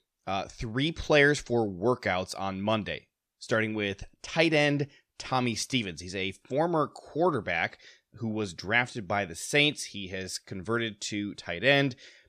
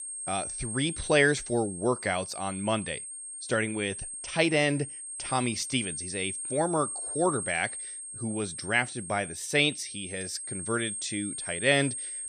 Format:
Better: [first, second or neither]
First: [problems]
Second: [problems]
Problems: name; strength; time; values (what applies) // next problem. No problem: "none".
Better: first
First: none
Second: high-pitched whine; loud; throughout; 8.5 kHz, 6 dB below the speech